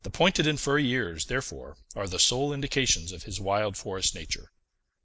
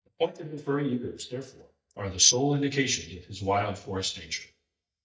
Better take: first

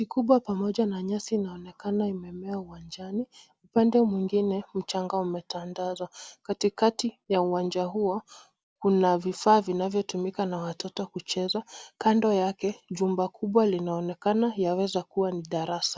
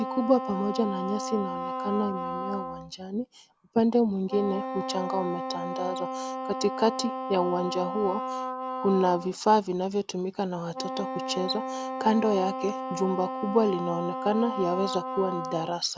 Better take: first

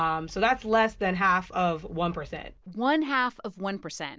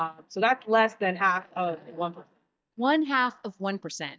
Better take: first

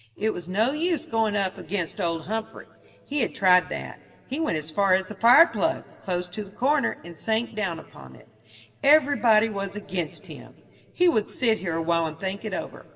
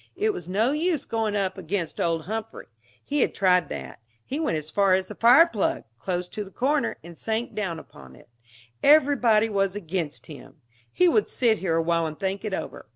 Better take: second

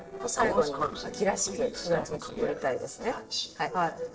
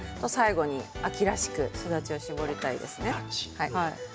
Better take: second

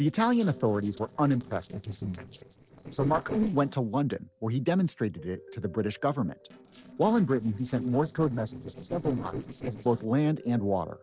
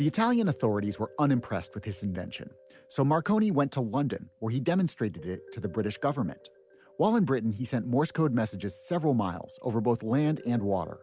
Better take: second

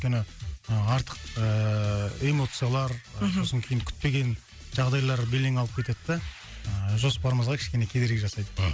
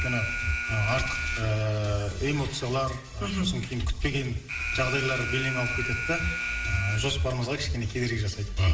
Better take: first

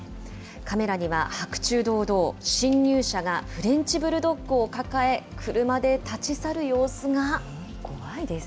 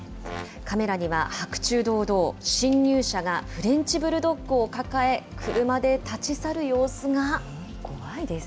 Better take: first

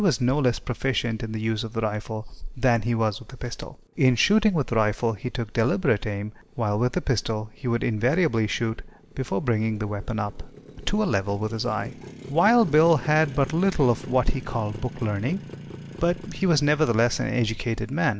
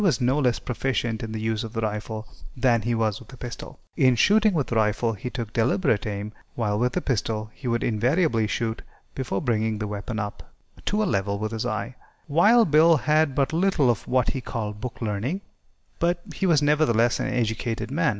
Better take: second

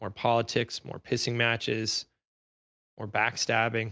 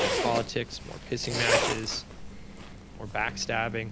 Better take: first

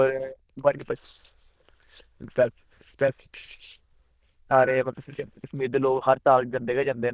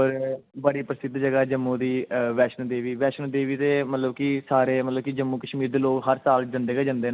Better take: second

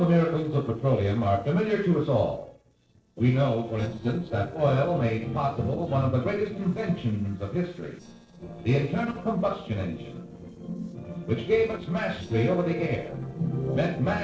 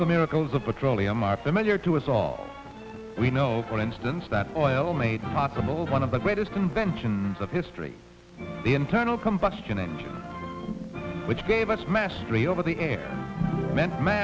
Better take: second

